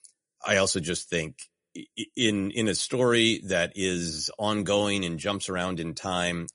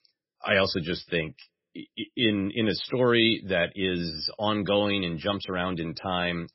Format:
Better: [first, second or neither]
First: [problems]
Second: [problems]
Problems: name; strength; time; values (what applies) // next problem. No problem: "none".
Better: first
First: garbled, watery; slightly; nothing above 10.5 kHz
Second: garbled, watery; badly; nothing above 5.5 kHz